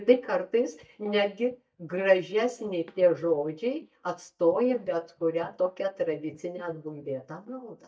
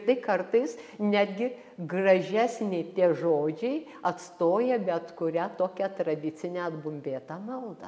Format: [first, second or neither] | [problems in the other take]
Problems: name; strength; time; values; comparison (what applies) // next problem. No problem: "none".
second | noise reduction (neural mask model DeepFilterNet 3)